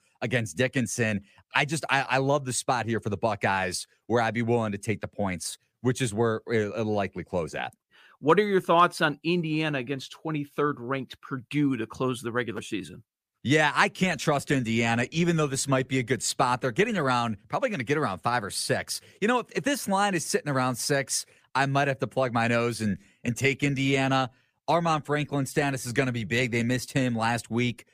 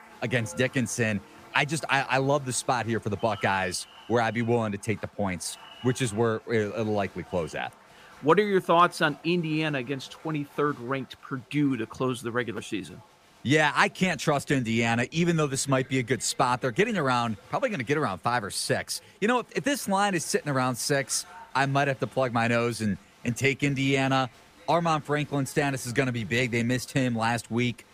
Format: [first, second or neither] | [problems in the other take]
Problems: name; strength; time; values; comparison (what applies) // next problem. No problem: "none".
first | crowd noise; faint; throughout; 25 dB below the speech